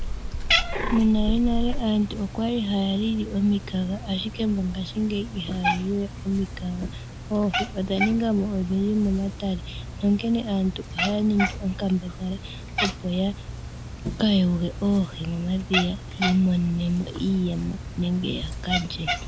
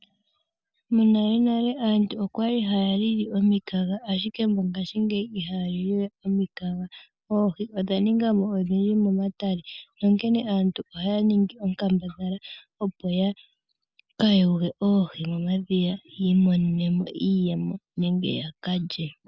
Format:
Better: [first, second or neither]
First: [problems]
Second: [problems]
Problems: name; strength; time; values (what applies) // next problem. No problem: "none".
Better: second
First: background sound (Cat); 5 dB below the speech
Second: none